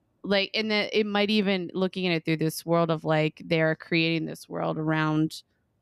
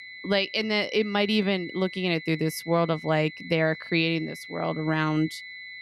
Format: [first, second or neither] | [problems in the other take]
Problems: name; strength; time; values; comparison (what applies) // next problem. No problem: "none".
first | high-pitched whine; noticeable; throughout; 2 kHz, 15 dB below the speech